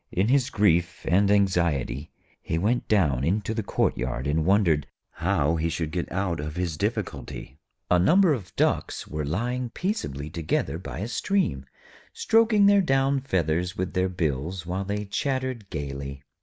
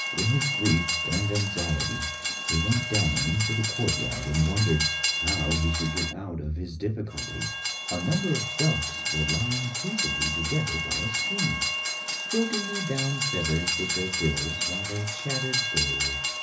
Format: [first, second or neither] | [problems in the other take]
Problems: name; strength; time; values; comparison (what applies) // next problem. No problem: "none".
first | background sound (Train); 1 dB below the speech // room echo; dies away in 0.4 s